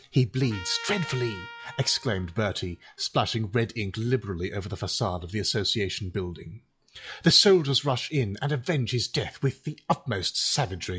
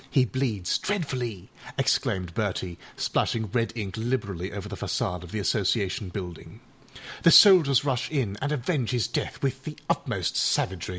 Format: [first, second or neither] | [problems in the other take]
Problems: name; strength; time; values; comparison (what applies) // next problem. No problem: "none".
second | noise reduction (classical method log-MMSE)